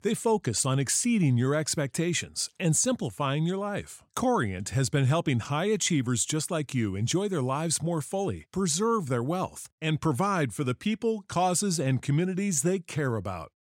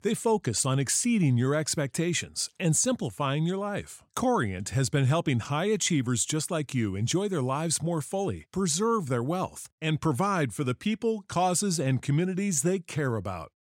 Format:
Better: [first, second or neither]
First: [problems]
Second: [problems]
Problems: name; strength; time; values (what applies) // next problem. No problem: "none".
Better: neither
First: none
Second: none